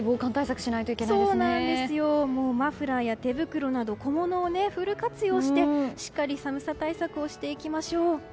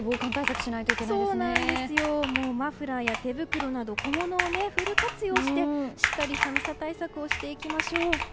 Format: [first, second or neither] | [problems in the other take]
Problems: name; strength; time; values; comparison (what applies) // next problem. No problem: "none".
first | background sound (Computer keyboard); 2 dB below the speech